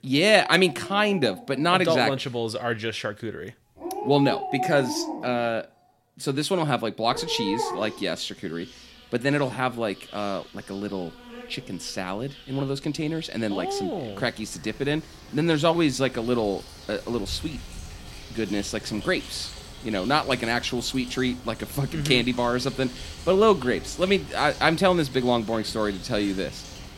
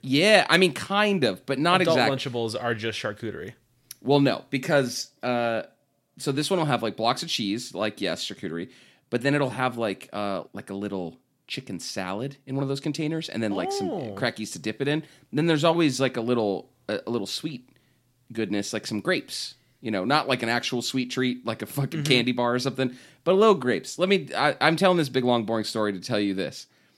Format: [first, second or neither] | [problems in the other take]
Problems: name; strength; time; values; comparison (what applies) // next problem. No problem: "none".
second | animal sounds; noticeable; throughout; 15 dB below the speech